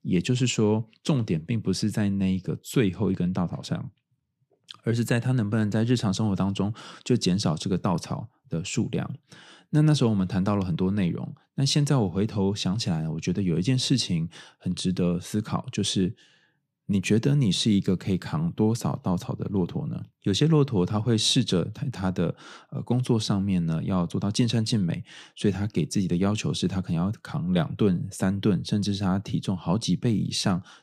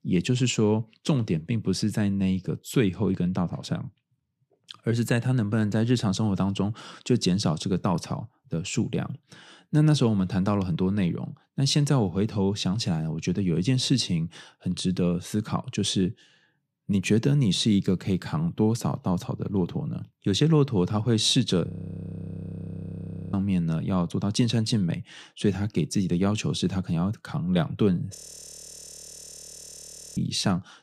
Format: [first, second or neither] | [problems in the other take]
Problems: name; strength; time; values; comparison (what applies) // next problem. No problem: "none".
first | audio freezing; at 22 s for 1.5 s and at 28 s for 2 s